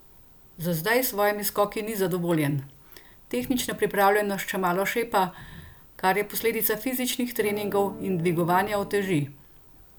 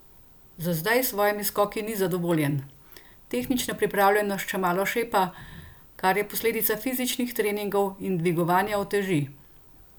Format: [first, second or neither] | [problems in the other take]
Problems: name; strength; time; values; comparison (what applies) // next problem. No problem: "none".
second | background sound (Electric guitar / Strum); 14 dB below the speech